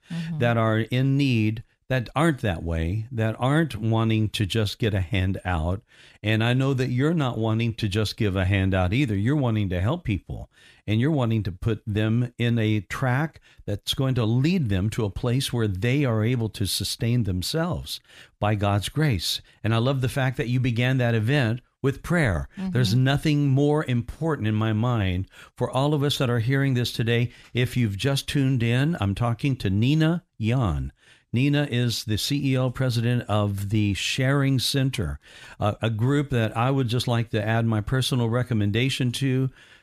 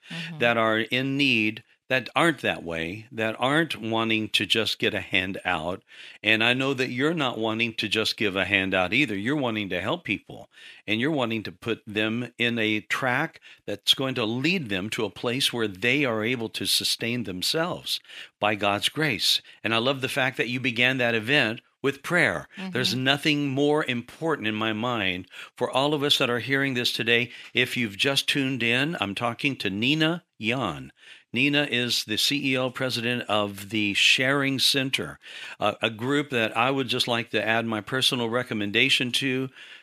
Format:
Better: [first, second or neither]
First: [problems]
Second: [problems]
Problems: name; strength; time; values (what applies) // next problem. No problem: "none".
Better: first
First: none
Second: thin; somewhat; fading below 250 Hz